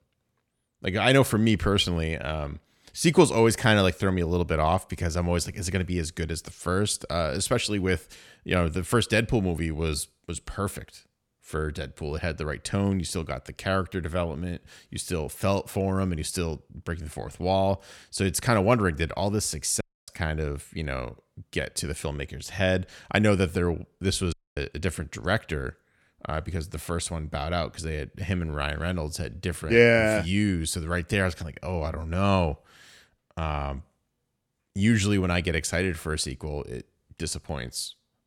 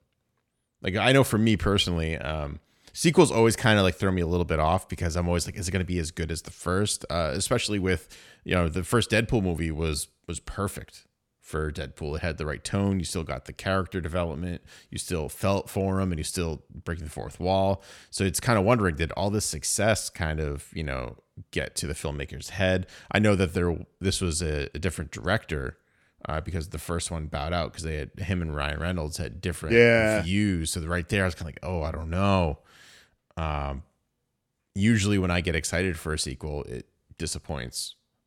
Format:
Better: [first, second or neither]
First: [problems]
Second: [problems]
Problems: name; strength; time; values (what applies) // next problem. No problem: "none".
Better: second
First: audio cutting out; at 20 s and at 24 s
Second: none